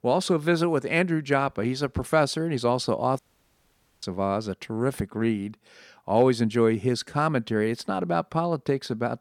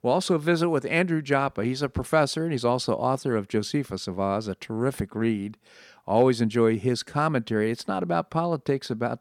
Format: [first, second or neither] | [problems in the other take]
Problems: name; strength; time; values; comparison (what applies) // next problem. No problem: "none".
second | audio cutting out; at 3 s for 1 s